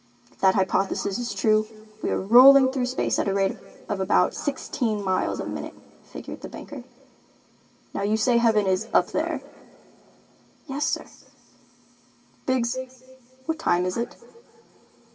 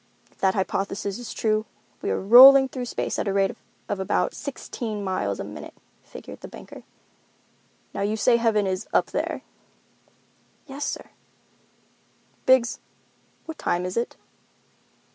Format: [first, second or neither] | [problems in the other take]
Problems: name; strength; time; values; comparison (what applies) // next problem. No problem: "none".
second | room echo; dies away in 2.5 s